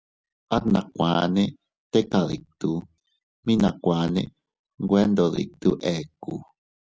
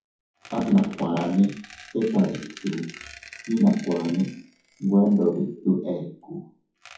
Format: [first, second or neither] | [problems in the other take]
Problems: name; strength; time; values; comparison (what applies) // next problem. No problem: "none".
first | noise reduction (classical method WPE with log-MMSE)